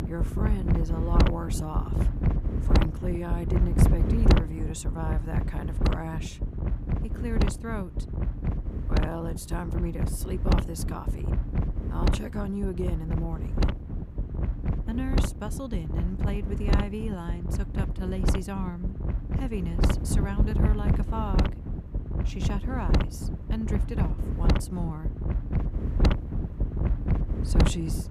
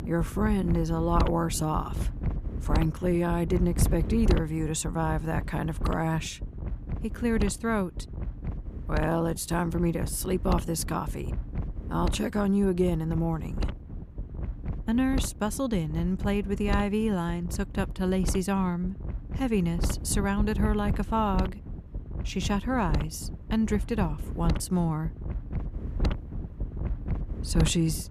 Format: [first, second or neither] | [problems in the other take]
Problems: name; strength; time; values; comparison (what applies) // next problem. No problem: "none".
second | wind noise on the microphone; heavy; as loud as the speech; occasional gusts in the second